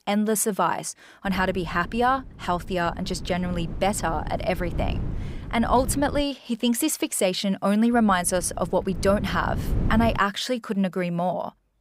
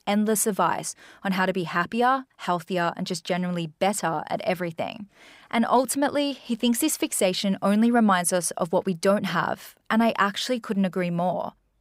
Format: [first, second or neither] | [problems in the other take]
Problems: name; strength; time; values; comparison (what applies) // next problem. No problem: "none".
second | wind noise on the microphone; occasional gusts; from 1.5 to 6 s and from 8 to 10 s; 20 dB below the speech